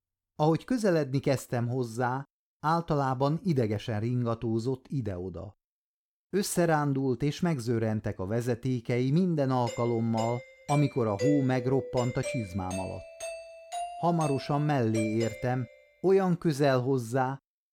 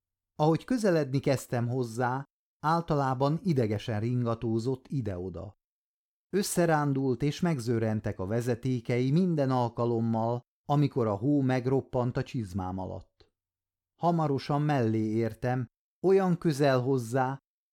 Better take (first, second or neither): second